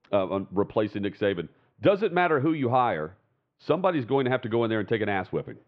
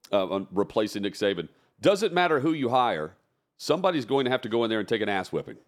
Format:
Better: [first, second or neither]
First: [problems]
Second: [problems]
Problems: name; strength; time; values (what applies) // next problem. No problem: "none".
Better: second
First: muffled; very; fading above 3 kHz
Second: none